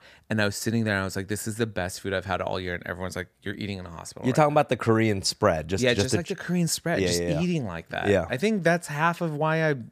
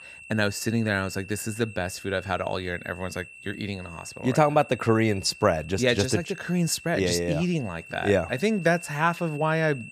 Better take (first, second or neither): first